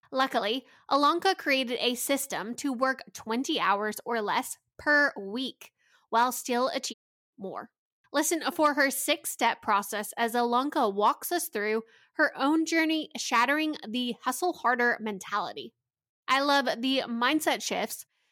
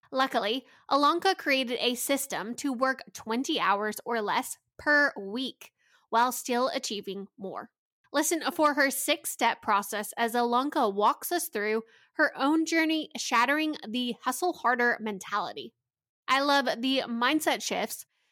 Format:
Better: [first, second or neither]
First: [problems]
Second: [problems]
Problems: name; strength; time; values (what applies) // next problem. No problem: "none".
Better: second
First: audio cutting out; at 7 s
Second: none